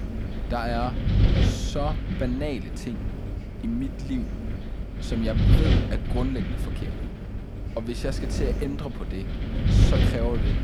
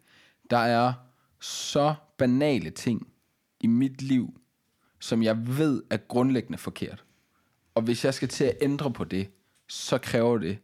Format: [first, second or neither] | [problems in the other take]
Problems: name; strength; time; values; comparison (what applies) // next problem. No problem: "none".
second | wind noise on the microphone; heavy; 3 dB below the speech